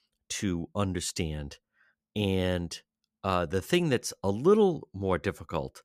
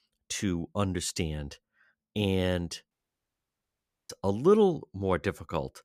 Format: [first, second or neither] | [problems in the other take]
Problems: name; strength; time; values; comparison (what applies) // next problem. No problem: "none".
first | audio cutting out; at 3 s for 1 s